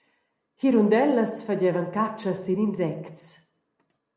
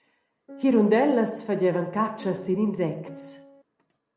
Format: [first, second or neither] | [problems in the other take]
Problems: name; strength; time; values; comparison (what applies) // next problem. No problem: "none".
first | background sound (Piano); 20 dB below the speech